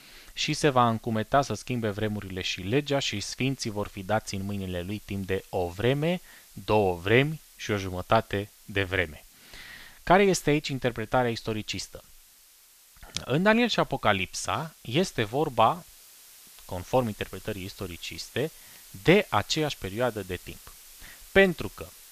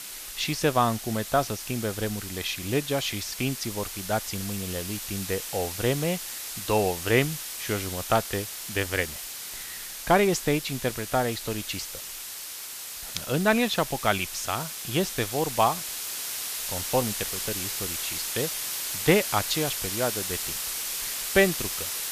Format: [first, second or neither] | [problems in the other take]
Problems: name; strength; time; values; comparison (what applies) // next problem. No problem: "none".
first | hiss; loud; throughout; 4 dB below the speech; faint in the first